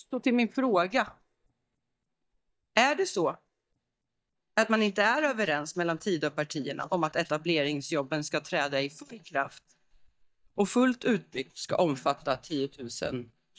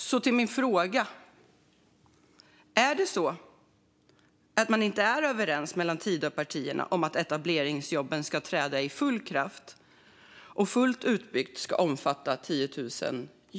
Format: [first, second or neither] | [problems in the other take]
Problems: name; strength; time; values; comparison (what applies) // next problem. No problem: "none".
second | noise reduction (neural mask model DeepFilterNet 3)